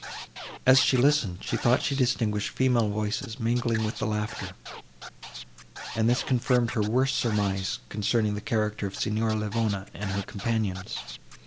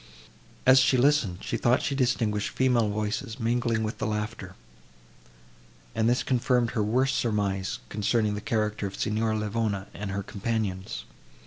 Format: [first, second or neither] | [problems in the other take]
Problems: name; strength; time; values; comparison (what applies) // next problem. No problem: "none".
second | background sound (Scratching (performance technique)); 15 dB below the speech